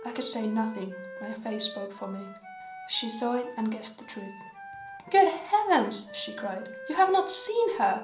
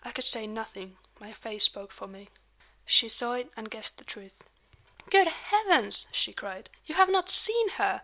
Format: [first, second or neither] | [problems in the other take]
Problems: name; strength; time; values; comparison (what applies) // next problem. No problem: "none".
second | background sound (Wind instrument, woodwind instrument); 15 dB below the speech // room echo; dies away in 0.6 s